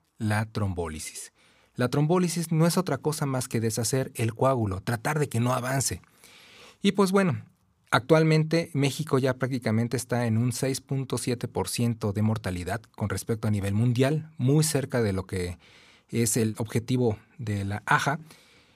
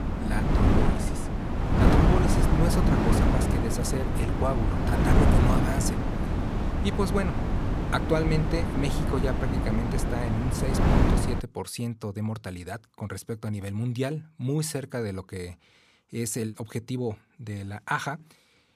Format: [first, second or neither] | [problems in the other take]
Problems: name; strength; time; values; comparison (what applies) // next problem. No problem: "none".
first | wind noise on the microphone; heavy; until 11 s; 3 dB above the speech